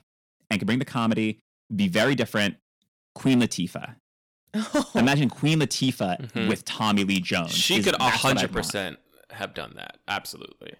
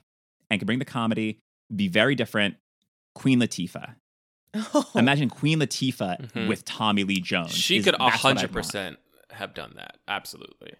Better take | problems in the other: second | distortion; slight; 4% of the sound clipped

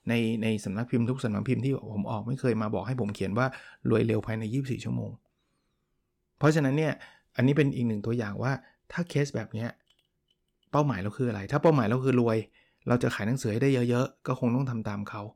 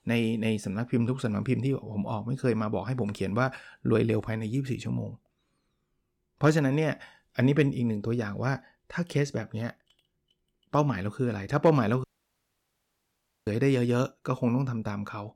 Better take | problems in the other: first | audio cutting out; at 12 s for 1.5 s

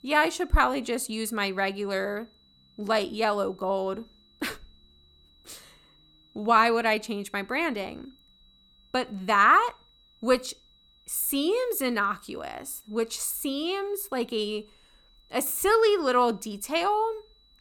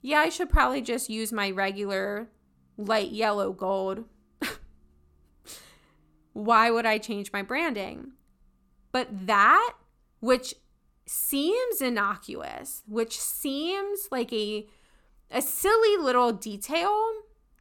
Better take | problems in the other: second | high-pitched whine; faint; throughout; 4 kHz, 35 dB below the speech

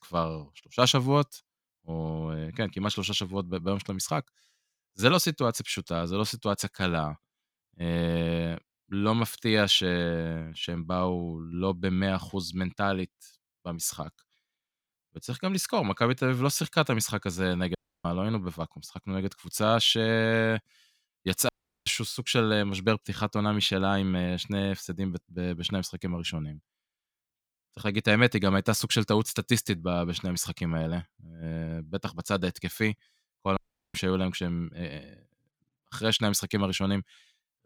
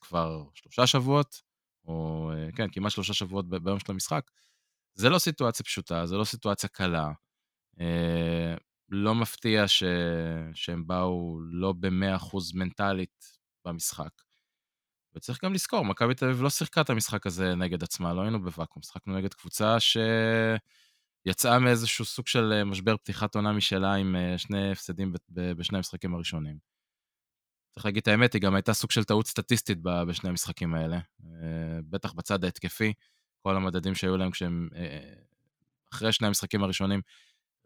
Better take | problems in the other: second | audio cutting out; at 18 s, at 21 s and at 34 s

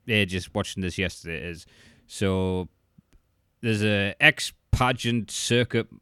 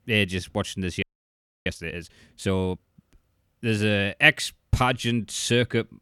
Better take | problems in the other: first | audio freezing; at 1 s for 0.5 s

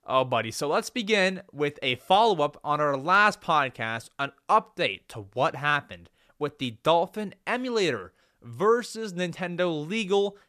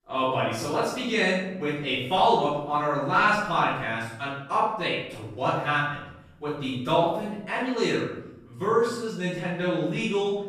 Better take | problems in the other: first | room echo; strong; dies away in 0.8 s // off-mic speech; far

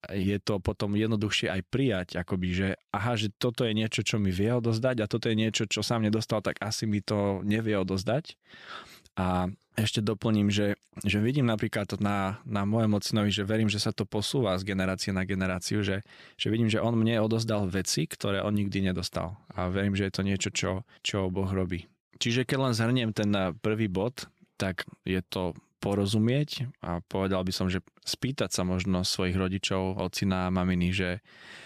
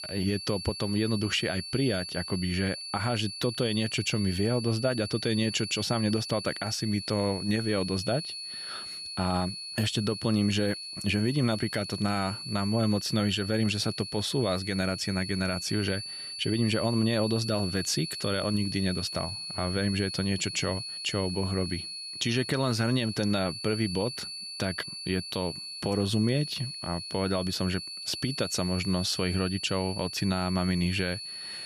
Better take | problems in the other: first | high-pitched whine; loud; throughout; 4.5 kHz, 7 dB below the speech

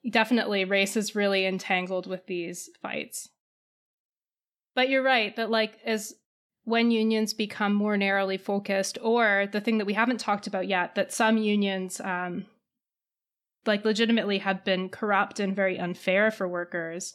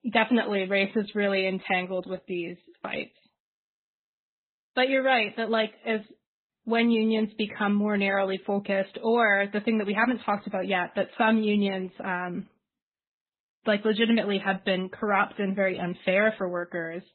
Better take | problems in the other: first | garbled, watery; badly; nothing above 4 kHz

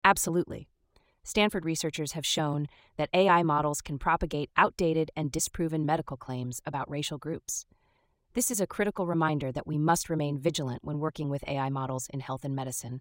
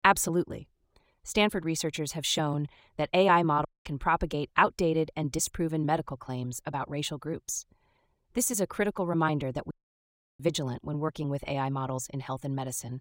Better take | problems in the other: first | audio cutting out; at 3.5 s and at 9.5 s for 0.5 s

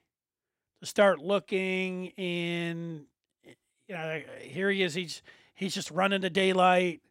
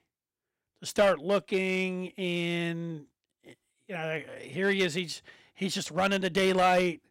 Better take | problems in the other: first | distortion; slight; 1.9% of the sound clipped

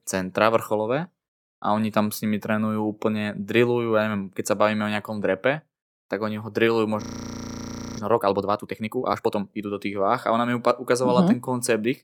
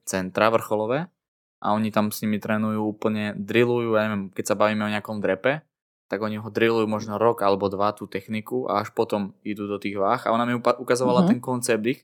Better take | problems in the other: second | audio freezing; at 7 s for 1 s

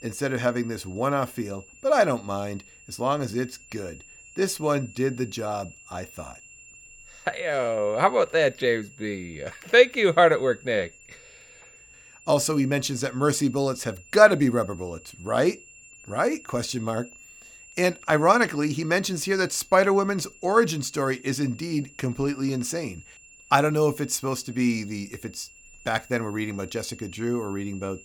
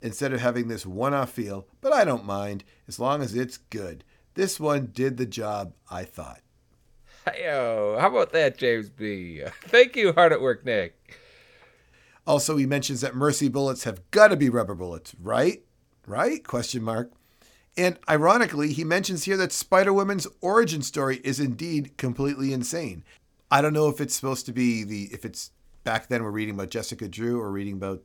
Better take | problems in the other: second | high-pitched whine; faint; throughout; 2.5 kHz, 25 dB below the speech

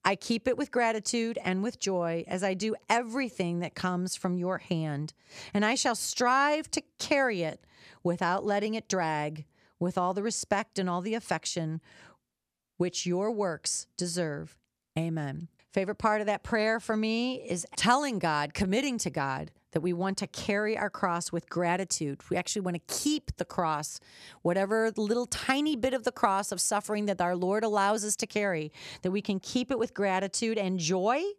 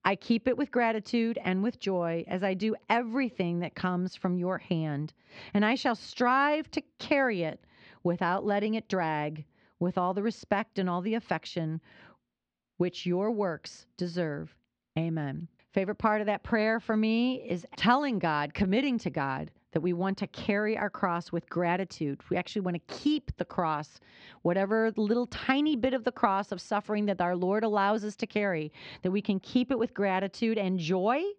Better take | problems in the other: first | muffled; slightly; fading above 4 kHz

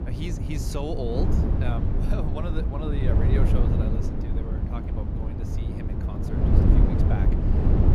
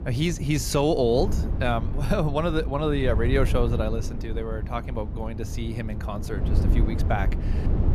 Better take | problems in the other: second | wind noise on the microphone; heavy; 2 dB above the speech; occasional gusts in the second

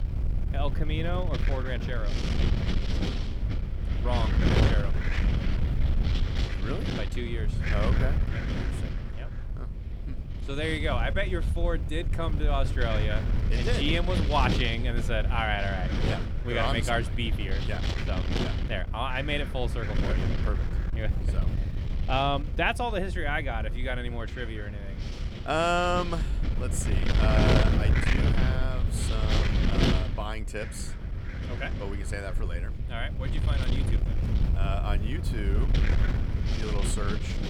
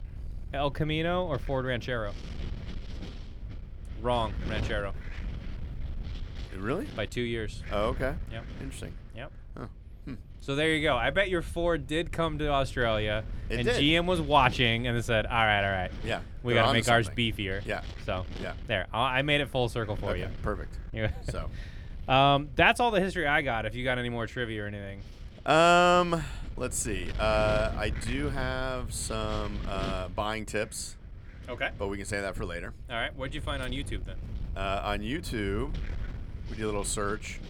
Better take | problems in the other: second | wind noise on the microphone; heavy; 5 dB below the speech; occasional gusts in the second

